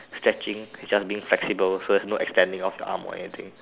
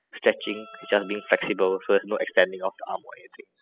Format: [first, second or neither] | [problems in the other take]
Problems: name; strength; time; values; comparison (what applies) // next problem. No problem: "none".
first | noise reduction (classical method spectral subtraction)